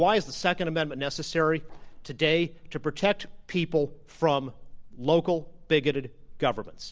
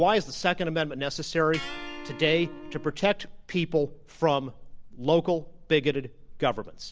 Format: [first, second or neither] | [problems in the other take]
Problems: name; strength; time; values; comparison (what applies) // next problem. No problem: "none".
first | background sound (Electric guitar); 15 dB below the speech